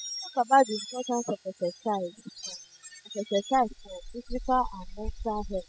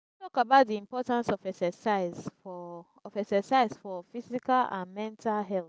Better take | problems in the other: second | noise reduction (classical method spectral subtraction)

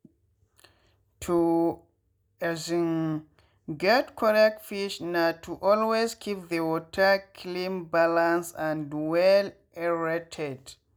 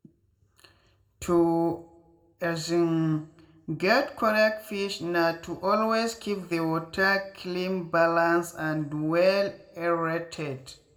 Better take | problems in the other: first | room echo; dies away in 0.5 s

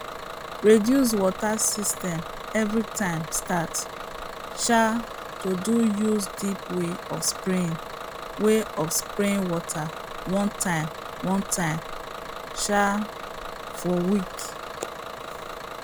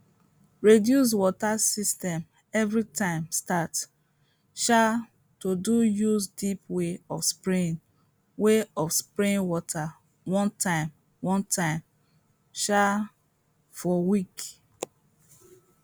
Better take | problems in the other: second | background sound (Bus / Engine); 9 dB below the speech

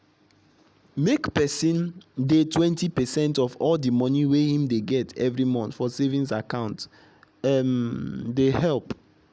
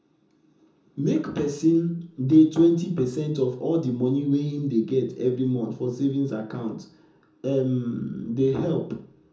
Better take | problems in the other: first | room echo; dies away in 0.5 s

